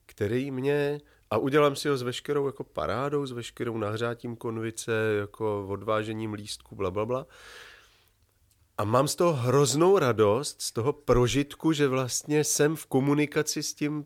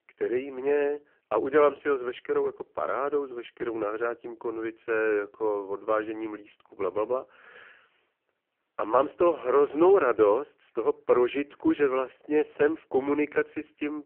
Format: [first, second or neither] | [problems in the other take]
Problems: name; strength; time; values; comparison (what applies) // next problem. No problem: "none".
first | phone-call audio; poor line